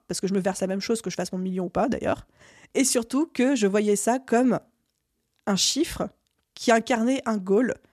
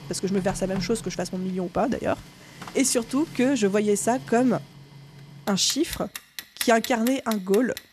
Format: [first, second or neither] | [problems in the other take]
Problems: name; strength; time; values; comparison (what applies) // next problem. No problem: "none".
first | household noises; noticeable; throughout; 15 dB below the speech